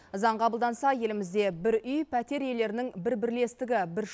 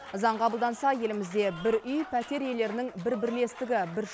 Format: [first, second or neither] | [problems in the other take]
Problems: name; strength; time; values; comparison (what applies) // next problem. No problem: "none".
first | background sound (Applause / Crowd); 16 dB below the speech